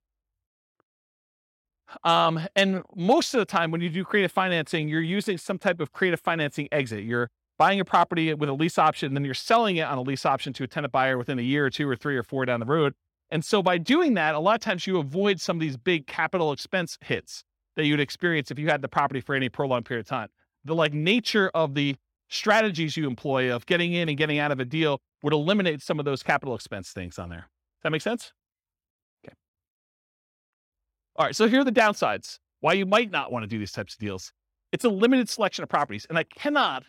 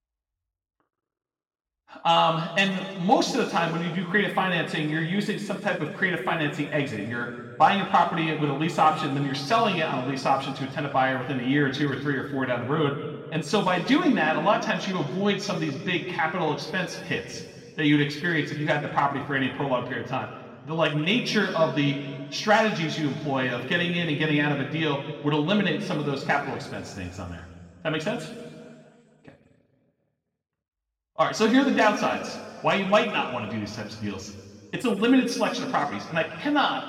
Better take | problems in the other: first | room echo; noticeable; dies away in 1.8 s // off-mic speech; far

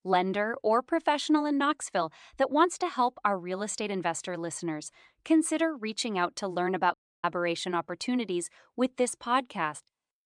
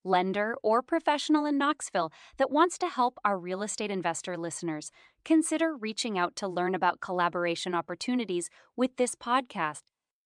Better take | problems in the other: second | audio cutting out; at 7 s

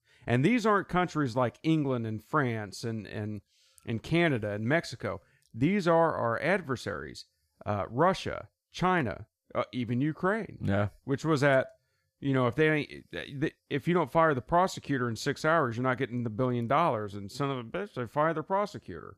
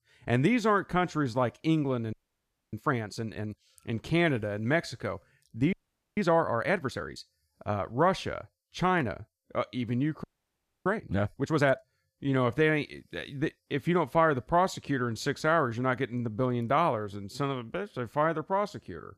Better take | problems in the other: first | audio freezing; at 2 s for 0.5 s, at 5.5 s and at 10 s for 0.5 s

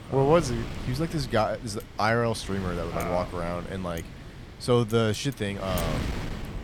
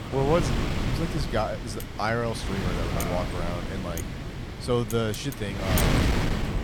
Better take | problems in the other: first | wind noise on the microphone; heavy; 3 dB below the speech; occasional gusts in the first

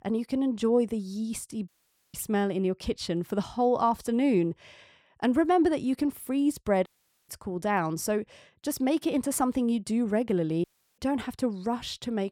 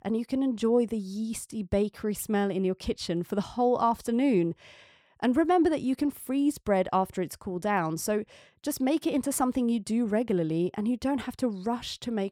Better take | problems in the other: second | audio cutting out; at 1.5 s, at 7 s and at 11 s

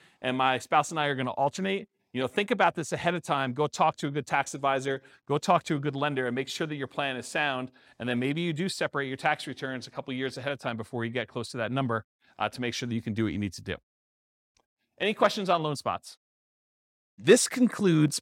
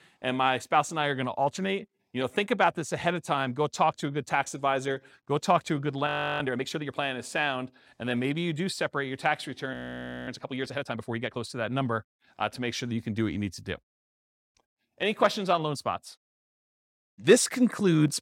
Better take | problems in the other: first | audio freezing; at 6 s and at 9.5 s for 0.5 s

